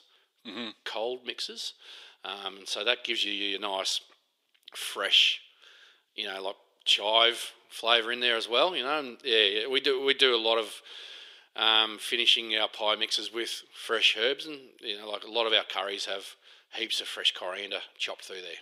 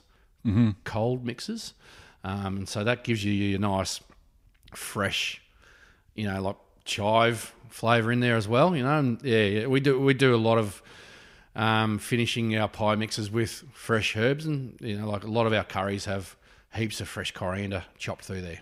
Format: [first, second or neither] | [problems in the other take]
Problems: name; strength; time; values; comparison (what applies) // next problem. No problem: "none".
second | thin; very; fading below 400 Hz